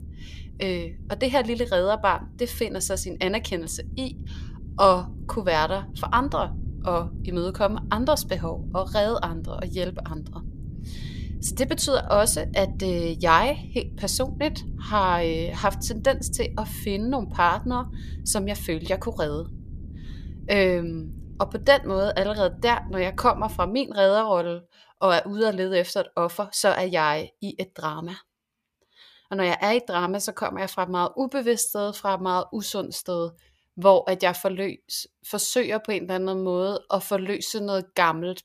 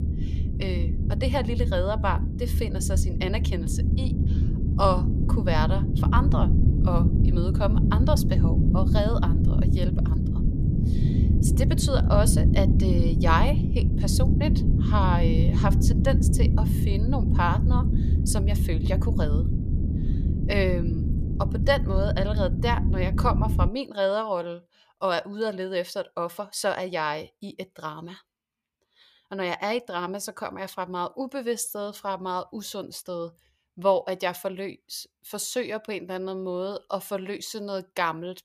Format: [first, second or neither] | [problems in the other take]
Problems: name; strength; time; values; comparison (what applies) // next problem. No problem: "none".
first | low rumble; loud; until 24 s; 6 dB below the speech; faint in the first